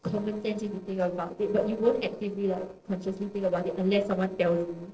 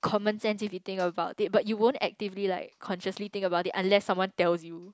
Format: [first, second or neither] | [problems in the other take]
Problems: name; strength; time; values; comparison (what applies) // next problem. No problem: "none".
second | noise reduction (neural separator model SepFormer DNS4)